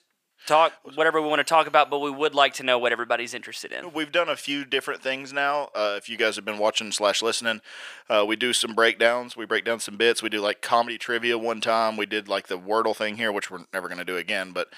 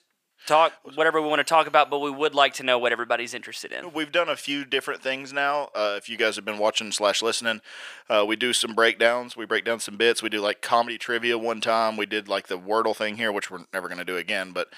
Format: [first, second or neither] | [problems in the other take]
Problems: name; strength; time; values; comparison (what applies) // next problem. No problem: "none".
neither | thin; very; fading below 600 Hz; the same in both